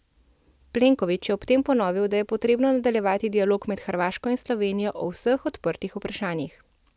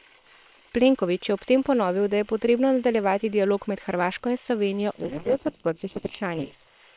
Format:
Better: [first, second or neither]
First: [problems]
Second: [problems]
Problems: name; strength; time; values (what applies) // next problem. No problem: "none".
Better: first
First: none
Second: noise reduction (neural separator model SepFormer WHAM!)